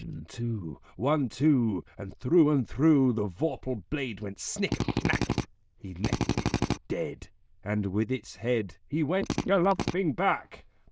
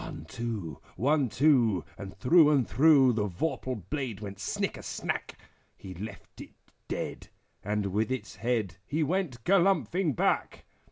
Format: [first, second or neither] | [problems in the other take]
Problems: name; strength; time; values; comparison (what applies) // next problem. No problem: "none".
second | noise reduction (neural diffusion model UNIVERSE++)